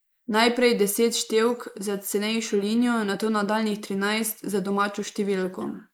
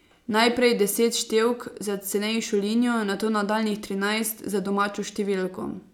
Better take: second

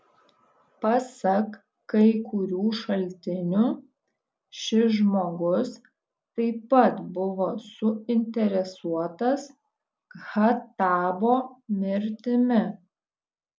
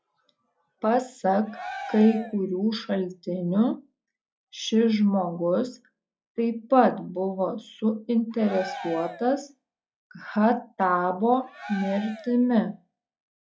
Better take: first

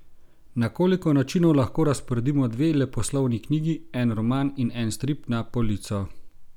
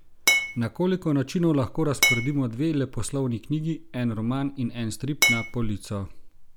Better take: first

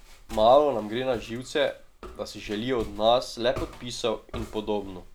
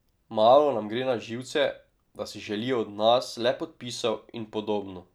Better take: second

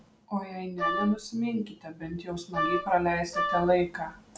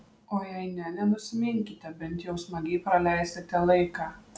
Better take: second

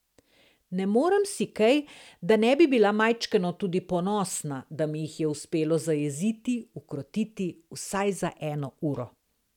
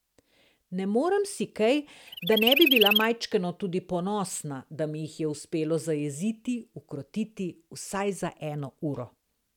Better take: first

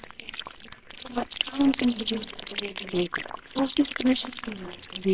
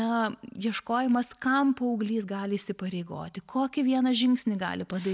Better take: second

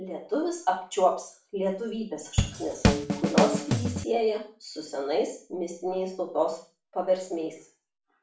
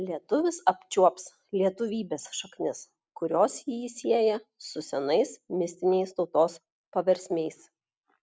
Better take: second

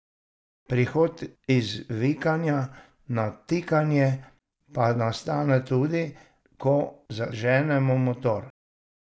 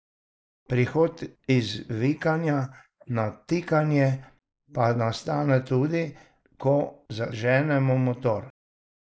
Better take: first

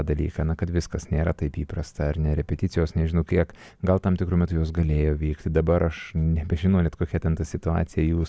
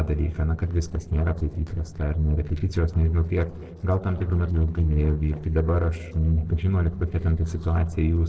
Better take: first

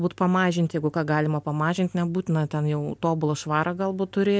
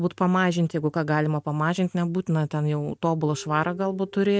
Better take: first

